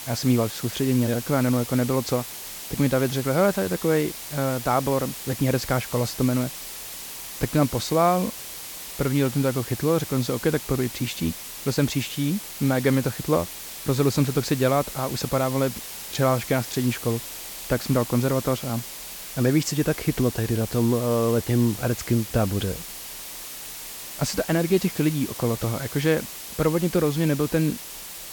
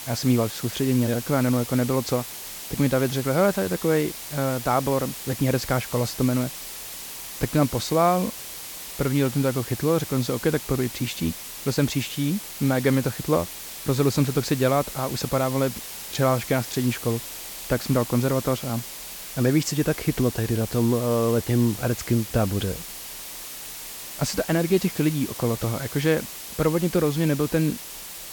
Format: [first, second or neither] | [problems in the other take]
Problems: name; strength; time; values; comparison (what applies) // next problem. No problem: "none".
neither | hiss; loud; throughout; 10 dB below the speech; the same in both